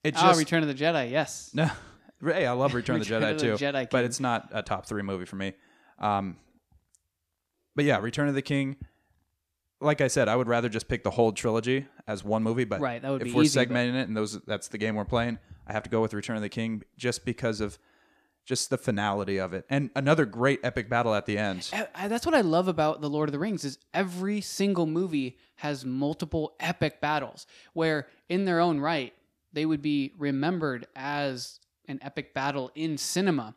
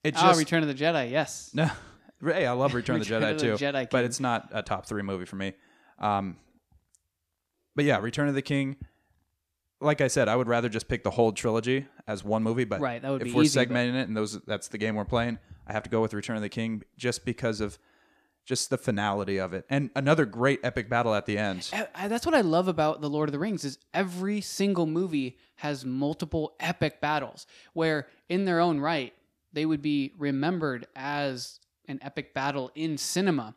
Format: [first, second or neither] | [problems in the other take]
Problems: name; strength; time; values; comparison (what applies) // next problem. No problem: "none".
neither | none